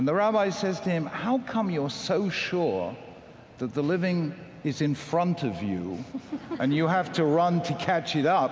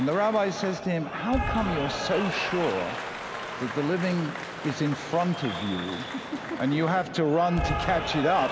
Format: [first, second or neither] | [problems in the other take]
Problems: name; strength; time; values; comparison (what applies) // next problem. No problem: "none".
first | background sound (Applause / Cheering); 6 dB below the speech